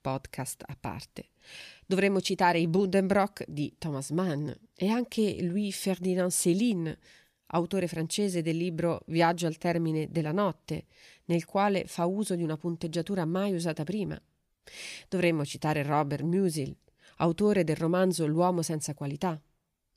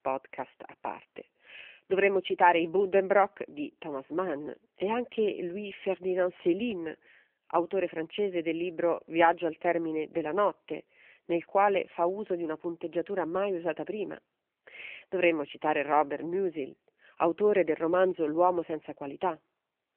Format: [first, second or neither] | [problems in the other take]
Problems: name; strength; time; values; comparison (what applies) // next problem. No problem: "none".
first | phone-call audio; nothing above 3 kHz